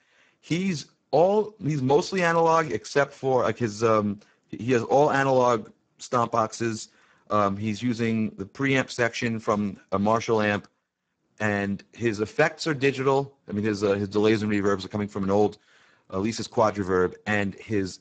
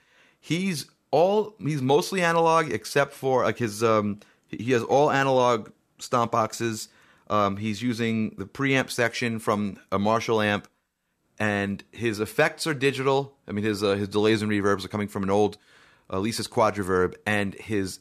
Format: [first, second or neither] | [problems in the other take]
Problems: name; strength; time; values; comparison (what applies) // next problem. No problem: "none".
second | garbled, watery; badly; nothing above 7.5 kHz